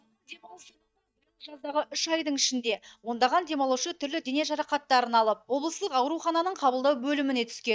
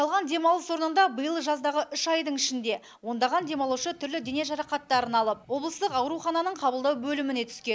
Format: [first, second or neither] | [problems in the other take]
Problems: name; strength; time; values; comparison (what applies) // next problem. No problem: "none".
second | noise reduction (neural mask model DeepFilterNet 3)